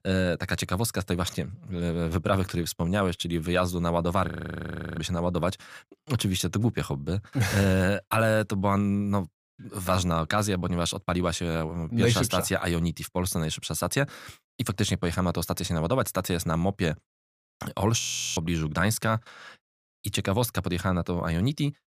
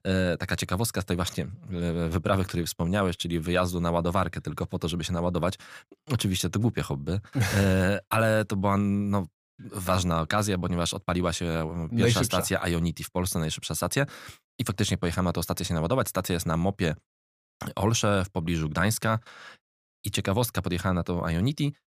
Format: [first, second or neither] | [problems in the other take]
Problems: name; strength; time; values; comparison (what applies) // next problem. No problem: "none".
second | audio freezing; at 4.5 s for 0.5 s and at 18 s